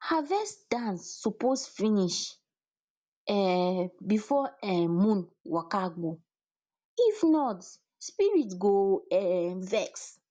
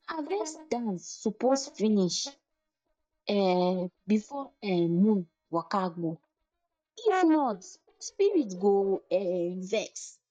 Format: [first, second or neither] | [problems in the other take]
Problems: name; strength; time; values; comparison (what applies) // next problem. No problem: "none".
first | noise reduction (neural mask model DeepFilterNet 3)